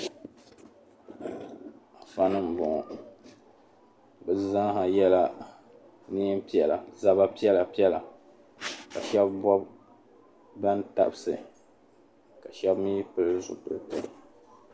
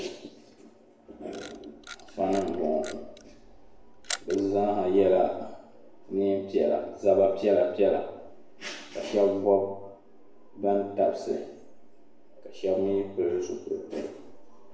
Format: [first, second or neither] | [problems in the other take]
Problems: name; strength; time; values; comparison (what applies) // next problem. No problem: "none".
first | background sound (Camera); 16 dB below the speech // room echo; dies away in 0.8 s